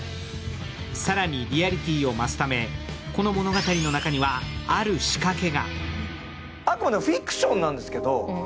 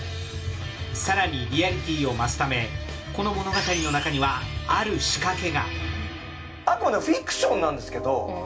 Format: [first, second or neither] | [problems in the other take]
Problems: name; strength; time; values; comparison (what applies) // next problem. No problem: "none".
first | room echo; dies away in 0.2 s